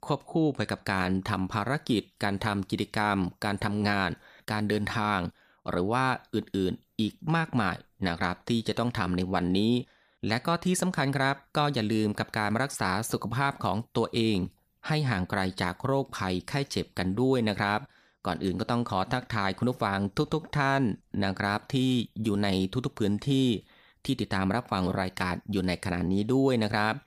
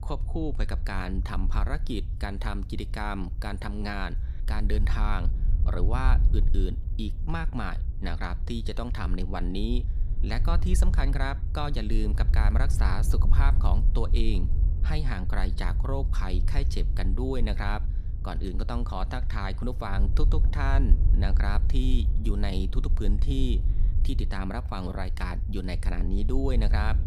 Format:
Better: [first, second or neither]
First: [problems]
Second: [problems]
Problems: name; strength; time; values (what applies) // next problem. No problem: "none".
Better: first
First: none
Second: wind noise on the microphone; occasional gusts; 10 dB below the speech